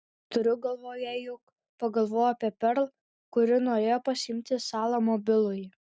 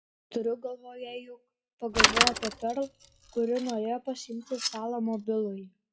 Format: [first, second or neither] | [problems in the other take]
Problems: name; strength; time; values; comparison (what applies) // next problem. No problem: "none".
first | noise reduction (classical method WPE with log-MMSE)